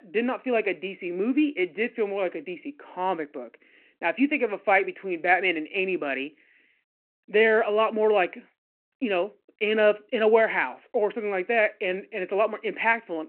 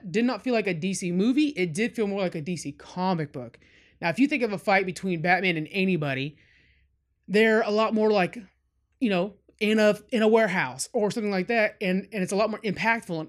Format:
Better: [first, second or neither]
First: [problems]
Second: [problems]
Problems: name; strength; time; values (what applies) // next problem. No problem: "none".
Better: second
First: phone-call audio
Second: none